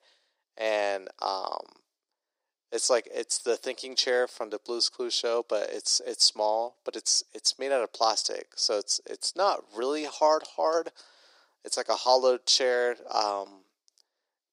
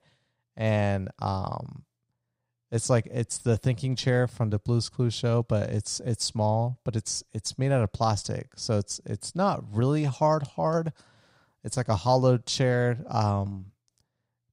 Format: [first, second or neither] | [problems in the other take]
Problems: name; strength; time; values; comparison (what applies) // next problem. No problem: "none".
second | thin; very; fading below 350 Hz